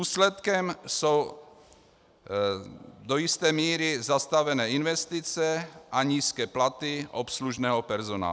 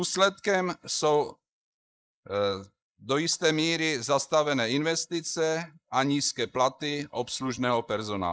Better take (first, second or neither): first